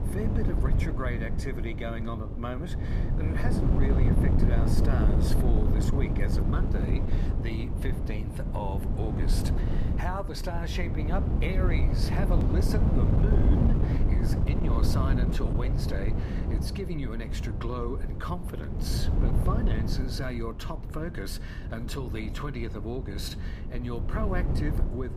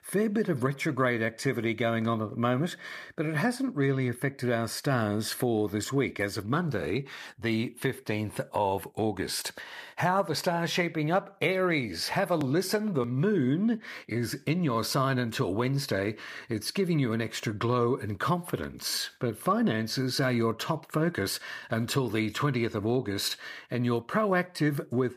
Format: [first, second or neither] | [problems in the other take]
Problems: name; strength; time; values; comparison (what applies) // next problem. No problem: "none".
second | wind noise on the microphone; heavy; 1 dB below the speech